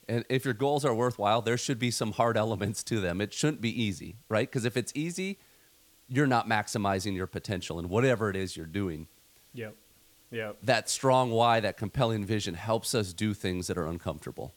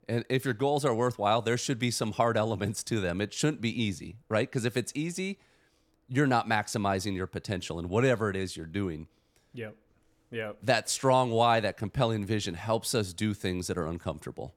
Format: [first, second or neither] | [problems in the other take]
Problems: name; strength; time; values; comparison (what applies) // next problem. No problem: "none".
second | hiss; faint; throughout; 30 dB below the speech